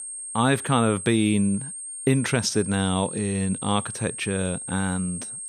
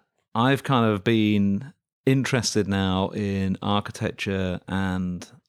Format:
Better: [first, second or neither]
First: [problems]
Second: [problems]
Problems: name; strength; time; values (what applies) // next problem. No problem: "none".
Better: second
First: high-pitched whine; loud; throughout; 8.5 kHz, 8 dB below the speech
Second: none